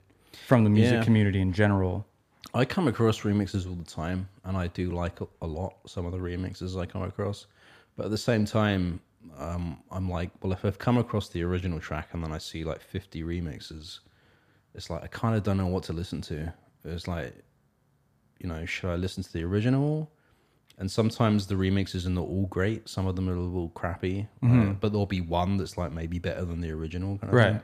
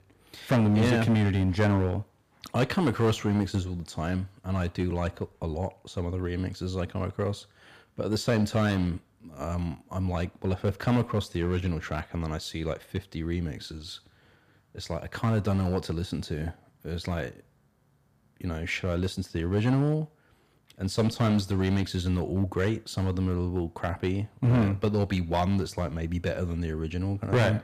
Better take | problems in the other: first | distortion; slight; 4% of the sound clipped

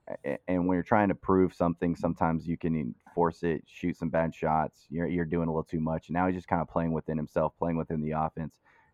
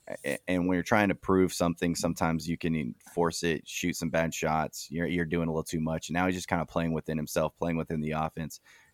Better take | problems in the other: second | muffled; very; fading above 3 kHz

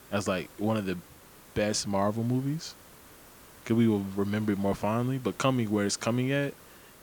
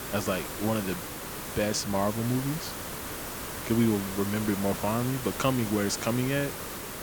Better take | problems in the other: first | hiss; loud; throughout; 6 dB below the speech; faint in the first

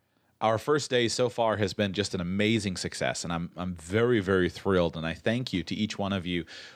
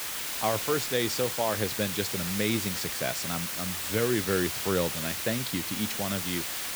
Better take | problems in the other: first | hiss; loud; throughout; as loud as the speech

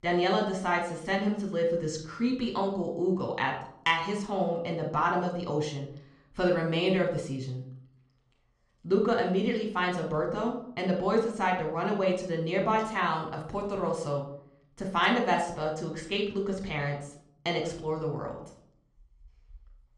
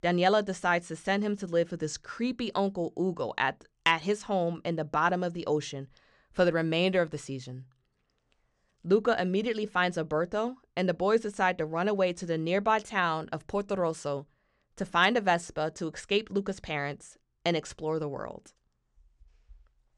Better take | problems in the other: second | off-mic speech; somewhat distant // room echo; slight; dies away in 0.5 s

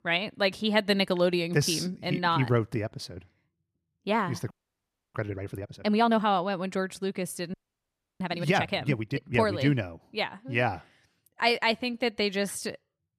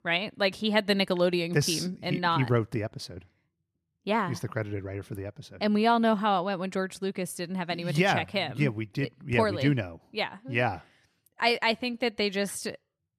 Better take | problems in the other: second | audio freezing; at 4.5 s for 0.5 s and at 7.5 s for 0.5 s

